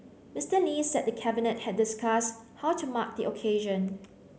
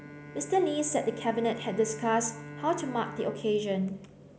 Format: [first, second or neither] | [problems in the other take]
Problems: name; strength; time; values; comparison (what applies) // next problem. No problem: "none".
first | background sound (Bowed string instrument); 14 dB below the speech